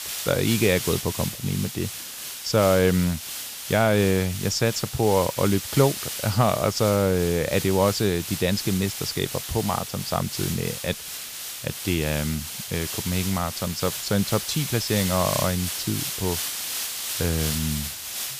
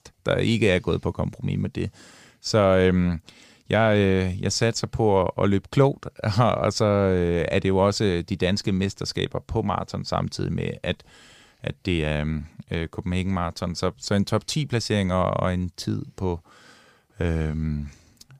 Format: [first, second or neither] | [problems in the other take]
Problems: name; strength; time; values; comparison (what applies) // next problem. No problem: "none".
second | hiss; loud; throughout; 5 dB below the speech